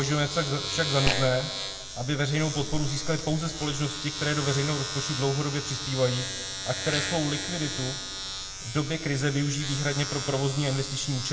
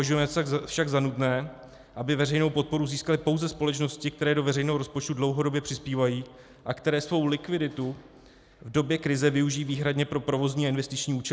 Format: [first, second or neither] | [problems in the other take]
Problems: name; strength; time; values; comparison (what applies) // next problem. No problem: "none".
second | background sound (Domestic sounds, home sounds); 5 dB below the speech // room echo; dies away in 1.5 s